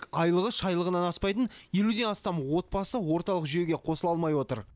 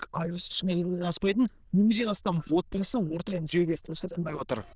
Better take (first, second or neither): first